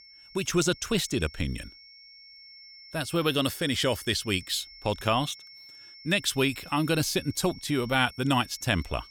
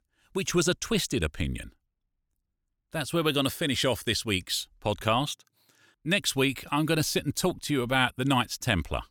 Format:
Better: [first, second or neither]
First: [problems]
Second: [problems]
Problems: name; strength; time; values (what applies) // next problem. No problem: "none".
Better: second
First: high-pitched whine; noticeable; throughout; 5.5 kHz, 20 dB below the speech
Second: none